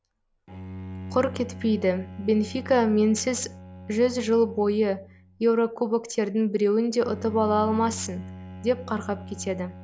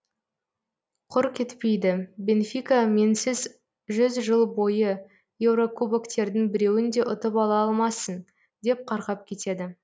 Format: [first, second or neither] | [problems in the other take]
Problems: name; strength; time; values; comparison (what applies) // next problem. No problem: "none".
second | background sound (Bowed string instrument); 15 dB below the speech